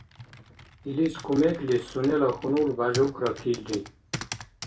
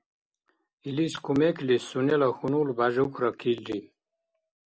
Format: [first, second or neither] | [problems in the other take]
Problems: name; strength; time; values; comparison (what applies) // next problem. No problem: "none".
second | background sound (Computer keyboard); 14 dB below the speech // room echo; dies away in 0.3 s